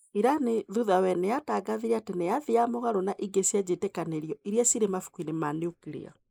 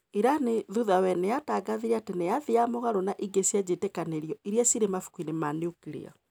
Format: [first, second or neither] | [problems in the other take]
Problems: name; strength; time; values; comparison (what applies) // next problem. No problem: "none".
second | noise reduction (neural mask model Resemble Enhance denoiser)